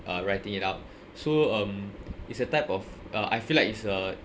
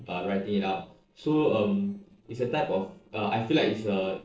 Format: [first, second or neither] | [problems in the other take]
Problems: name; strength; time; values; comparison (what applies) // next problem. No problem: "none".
first | noise reduction (neural separator model SepFormer DNS4)